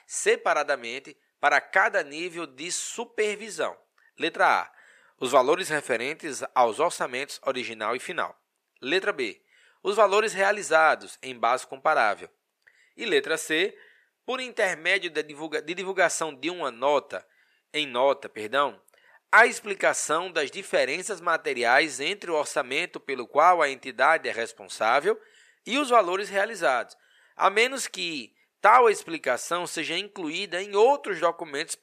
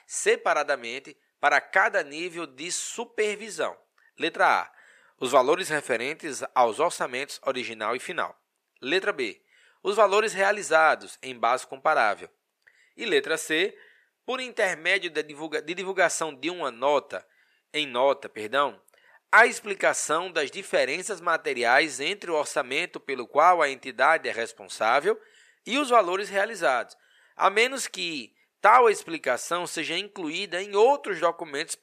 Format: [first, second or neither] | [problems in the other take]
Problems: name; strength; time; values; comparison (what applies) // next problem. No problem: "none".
neither | thin; somewhat; fading below 500 Hz; the same in both